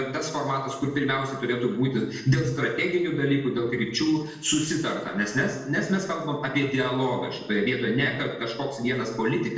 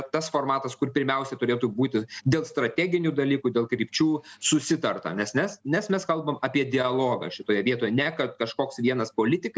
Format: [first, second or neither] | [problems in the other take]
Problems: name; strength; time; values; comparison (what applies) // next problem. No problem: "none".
second | room echo; dies away in 0.8 s